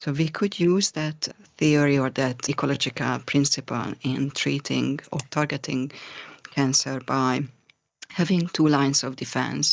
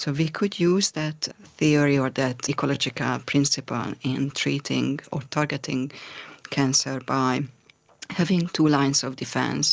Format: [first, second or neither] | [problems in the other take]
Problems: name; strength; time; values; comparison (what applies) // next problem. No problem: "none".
second | noise reduction (neural mask model DeepFilterNet 3)